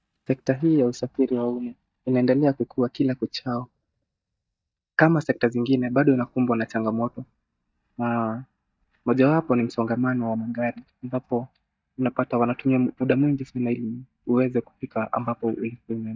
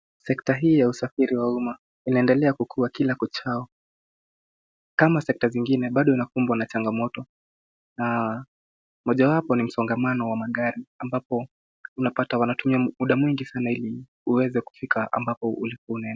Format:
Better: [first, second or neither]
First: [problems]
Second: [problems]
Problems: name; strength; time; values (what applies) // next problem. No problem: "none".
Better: second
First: noise reduction (neural mask model DeepFilterNet 3)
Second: none